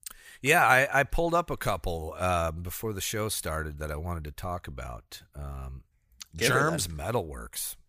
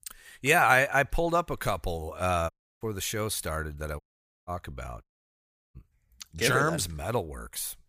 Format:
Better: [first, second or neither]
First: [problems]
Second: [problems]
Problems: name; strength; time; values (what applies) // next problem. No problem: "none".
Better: first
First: none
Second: audio cutting out; at 2.5 s, at 4 s and at 5 s for 0.5 s